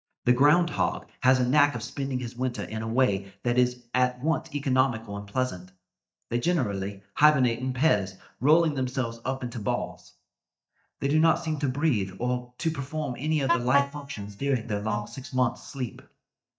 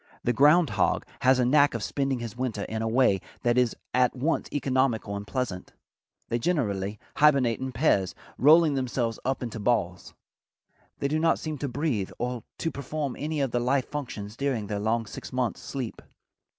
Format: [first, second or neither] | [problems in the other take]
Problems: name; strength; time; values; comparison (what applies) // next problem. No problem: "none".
second | noise reduction (neural mask model DeepFilterNet 3)